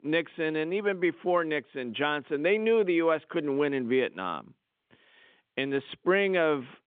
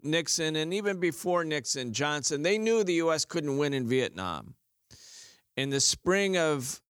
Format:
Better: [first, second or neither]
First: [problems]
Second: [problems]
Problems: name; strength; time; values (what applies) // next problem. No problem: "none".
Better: second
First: phone-call audio; nothing above 3.5 kHz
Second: none